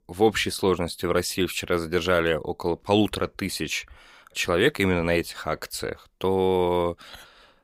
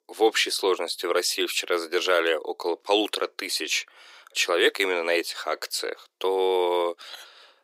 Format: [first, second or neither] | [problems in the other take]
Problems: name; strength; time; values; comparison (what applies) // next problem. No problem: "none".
first | thin; very; fading below 350 Hz